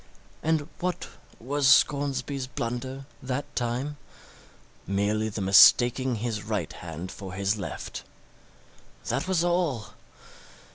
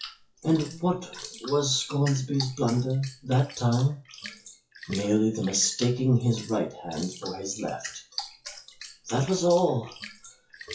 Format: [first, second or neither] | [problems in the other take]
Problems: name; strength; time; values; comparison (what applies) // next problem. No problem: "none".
first | noise reduction (classical method WPE with log-MMSE)